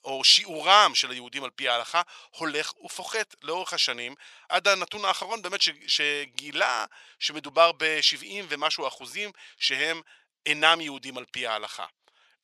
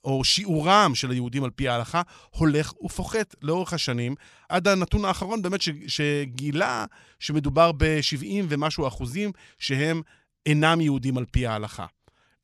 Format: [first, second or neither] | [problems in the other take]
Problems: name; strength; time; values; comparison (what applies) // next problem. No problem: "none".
second | thin; very; fading below 650 Hz